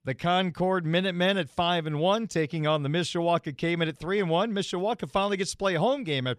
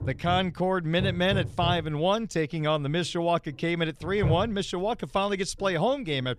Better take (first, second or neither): first